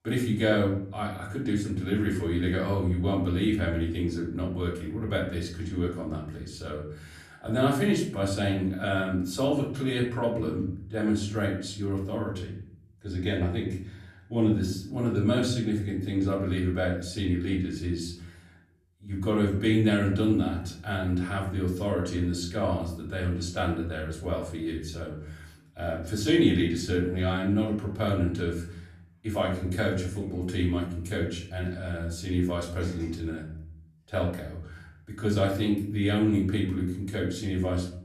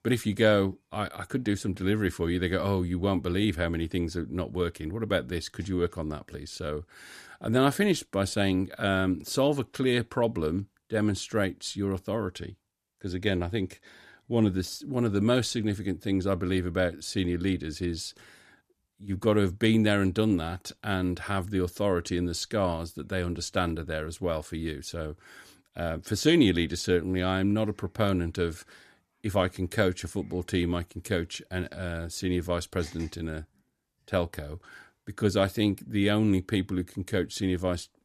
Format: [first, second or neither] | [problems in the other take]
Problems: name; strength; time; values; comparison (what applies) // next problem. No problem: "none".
second | off-mic speech; far // room echo; slight; dies away in 0.6 s